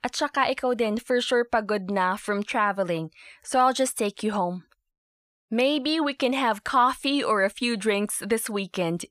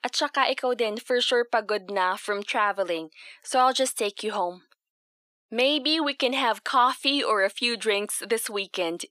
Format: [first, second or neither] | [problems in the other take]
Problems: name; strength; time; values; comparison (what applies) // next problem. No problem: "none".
first | thin; very slightly; fading below 300 Hz